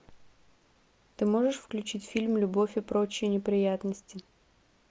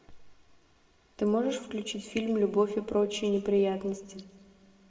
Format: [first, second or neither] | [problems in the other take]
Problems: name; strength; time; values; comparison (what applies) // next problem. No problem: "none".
first | room echo; dies away in 1.2 s